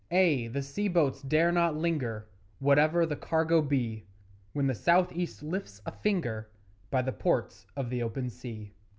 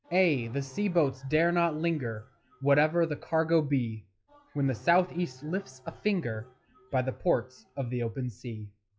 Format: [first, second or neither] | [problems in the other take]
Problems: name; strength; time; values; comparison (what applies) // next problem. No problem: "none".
first | noise reduction (classical method log-MMSE)